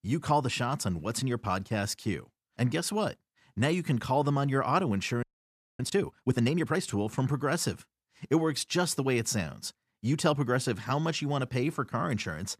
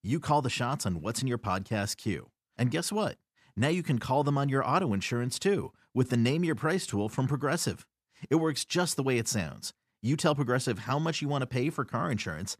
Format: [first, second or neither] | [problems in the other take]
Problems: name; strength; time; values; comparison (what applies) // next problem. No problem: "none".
second | audio freezing; at 5 s for 0.5 s